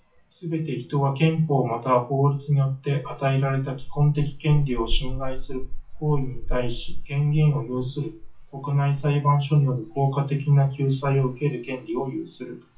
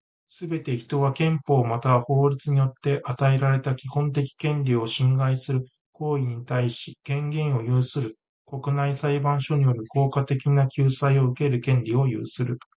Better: second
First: noise reduction (classical method WPE with log-MMSE)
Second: none

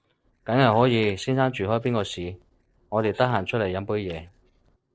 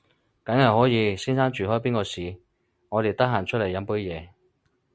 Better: second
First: noise reduction (neural separator model SepFormer DNS4)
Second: none

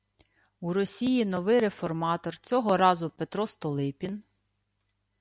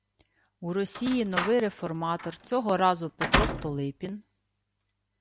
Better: first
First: none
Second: background sound (Slam); 3 dB below the speech

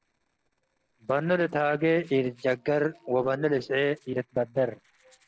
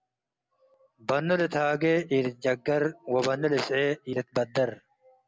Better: second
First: noise reduction (neural separator model SepFormer DNS4)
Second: none

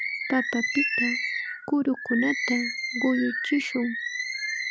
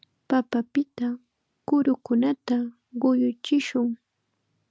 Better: second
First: background sound (Bird); 2 dB below the speech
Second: none

